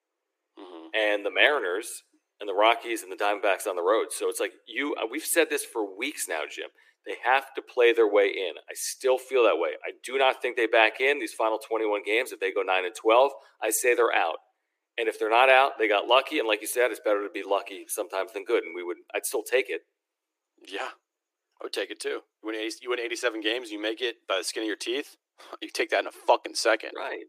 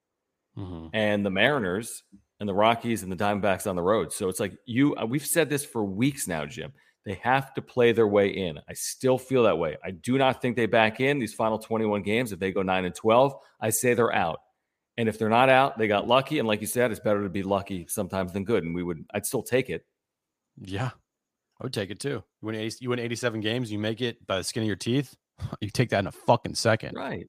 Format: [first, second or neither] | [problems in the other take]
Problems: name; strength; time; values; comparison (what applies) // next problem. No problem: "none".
second | thin; very; fading below 300 Hz